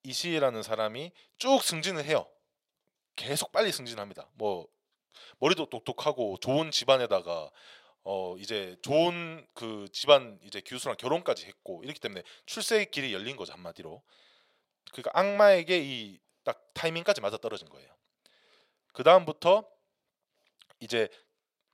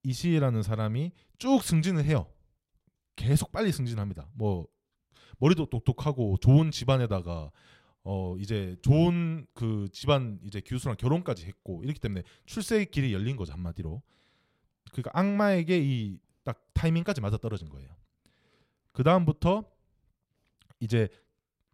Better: second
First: thin; very; fading below 450 Hz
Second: none

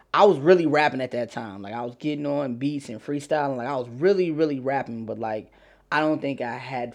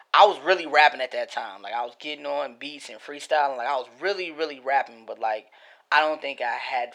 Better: first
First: none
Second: thin; very; fading below 750 Hz

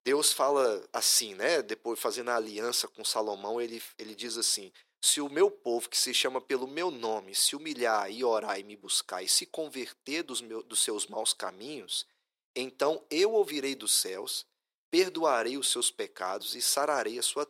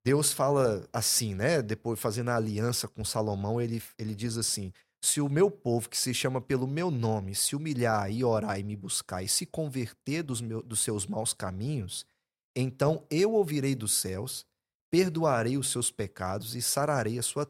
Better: second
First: thin; somewhat; fading below 350 Hz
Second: none

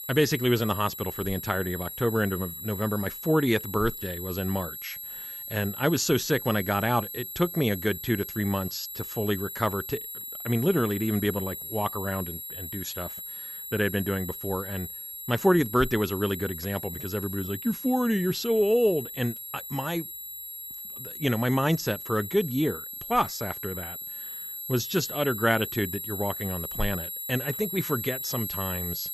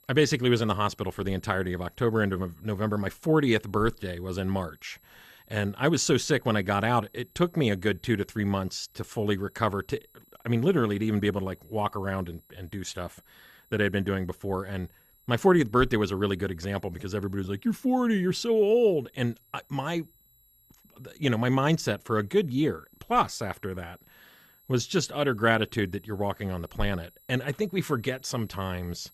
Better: second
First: high-pitched whine; loud; throughout; 11.5 kHz, 7 dB below the speech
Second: high-pitched whine; faint; throughout; 11.5 kHz, 30 dB below the speech

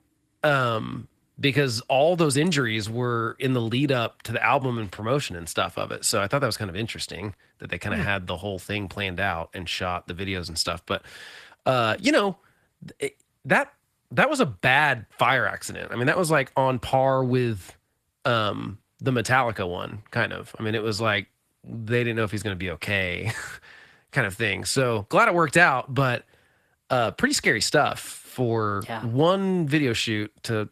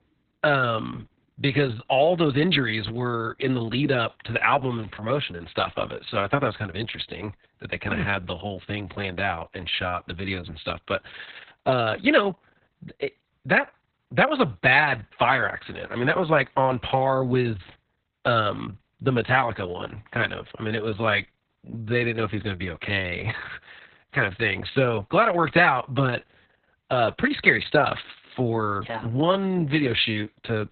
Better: first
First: garbled, watery; slightly; nothing above 14.5 kHz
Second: garbled, watery; badly; nothing above 4 kHz

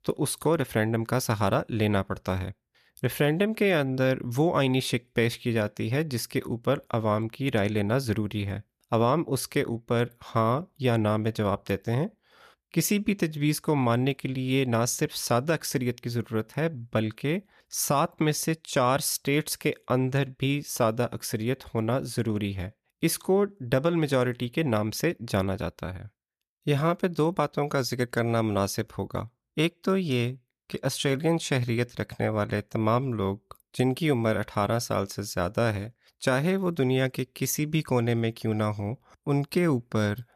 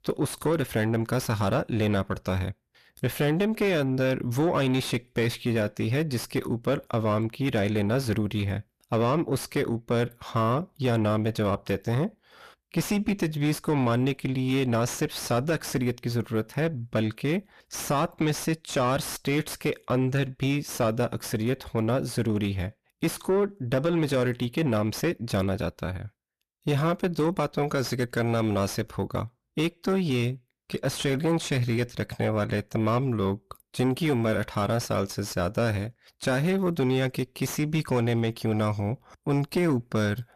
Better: first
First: none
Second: distortion; slight; 9 dB below the speech

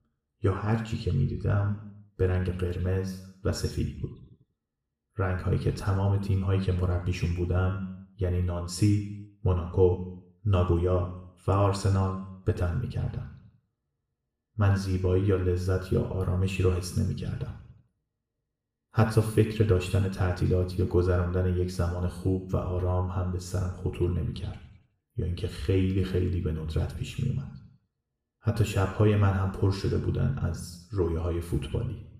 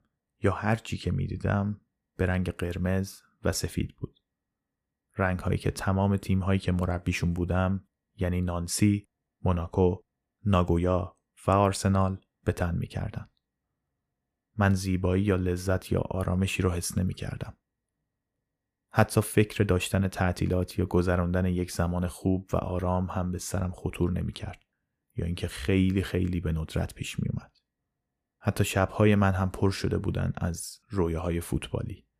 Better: second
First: room echo; noticeable; dies away in 0.7 s // off-mic speech; far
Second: none

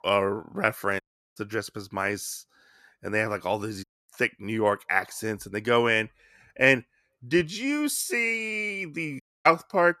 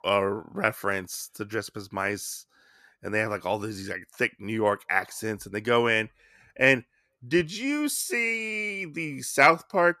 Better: second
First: audio cutting out; at 1 s, at 4 s and at 9 s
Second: none

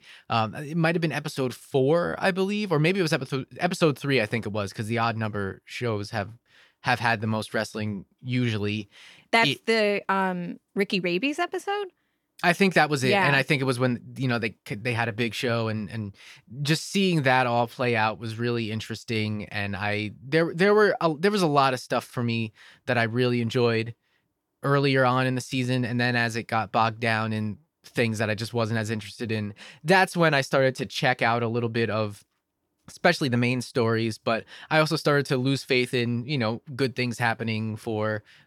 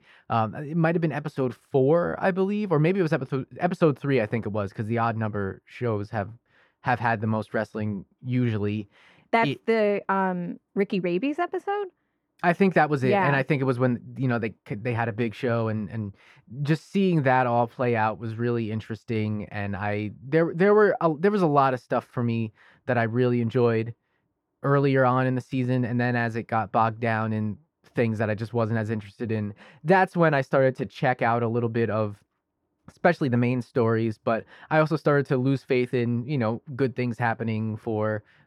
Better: first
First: none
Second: muffled; slightly; fading above 2.5 kHz

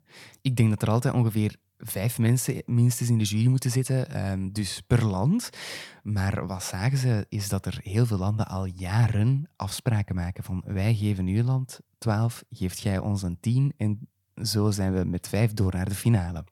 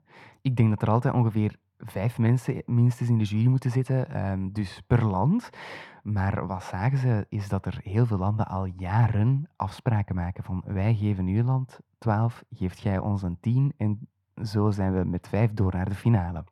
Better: first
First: none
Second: muffled; very; fading above 4 kHz

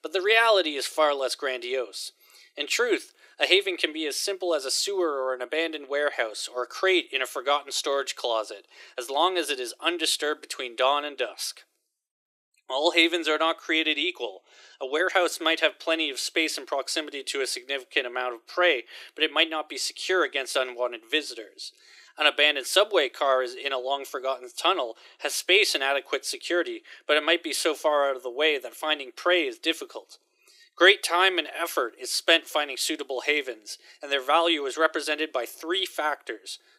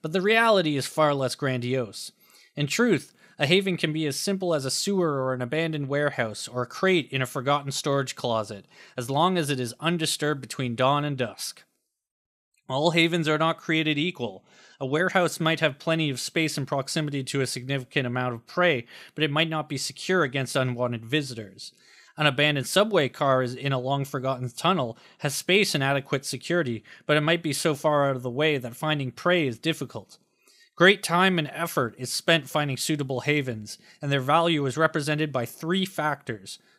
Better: second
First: thin; very; fading below 350 Hz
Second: none

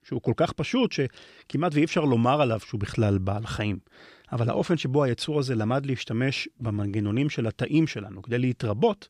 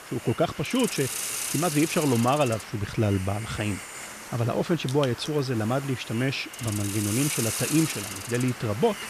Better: first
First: none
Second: hiss; loud; throughout; 6 dB below the speech

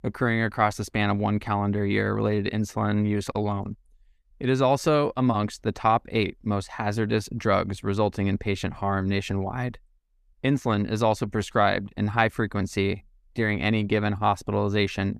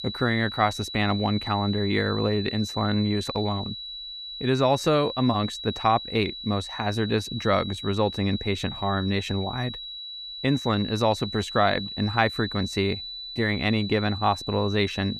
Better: first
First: none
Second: high-pitched whine; loud; throughout; 4 kHz, 8 dB below the speech

